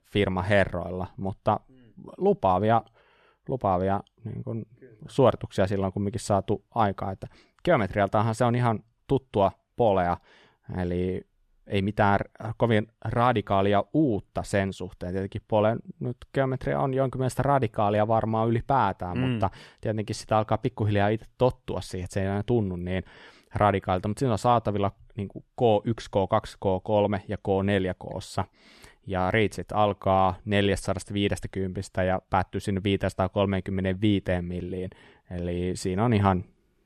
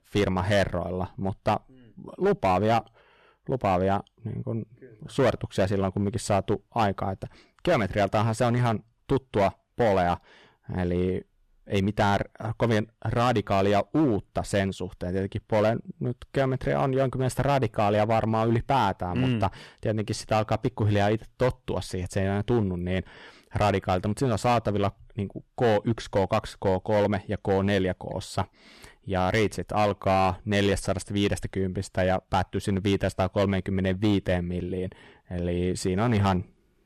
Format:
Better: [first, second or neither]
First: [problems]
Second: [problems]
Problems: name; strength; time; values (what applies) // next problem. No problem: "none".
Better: first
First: none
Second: distortion; slight; 6% of the sound clipped